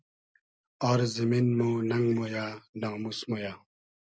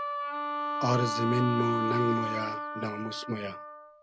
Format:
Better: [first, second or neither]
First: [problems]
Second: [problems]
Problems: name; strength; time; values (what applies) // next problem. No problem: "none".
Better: first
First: none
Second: background sound (Wind instrument, woodwind instrument); 2 dB below the speech